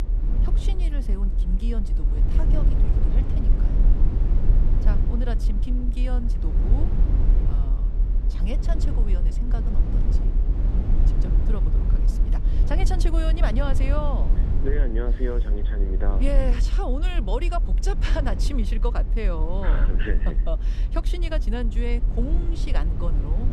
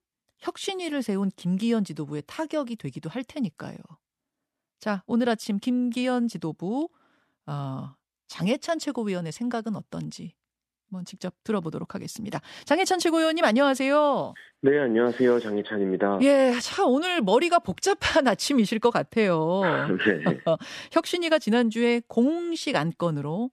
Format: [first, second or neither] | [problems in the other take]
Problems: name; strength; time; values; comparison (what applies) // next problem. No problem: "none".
second | low rumble; loud; throughout; 7 dB below the speech